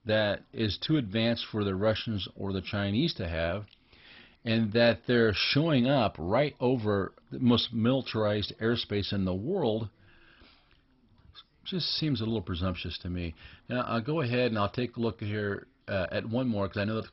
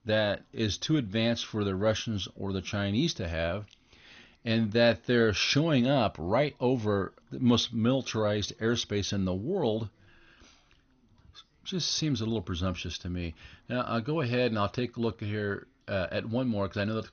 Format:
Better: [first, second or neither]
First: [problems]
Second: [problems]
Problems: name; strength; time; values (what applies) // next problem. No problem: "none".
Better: second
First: garbled, watery; badly; nothing above 5.5 kHz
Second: garbled, watery; slightly; nothing above 6.5 kHz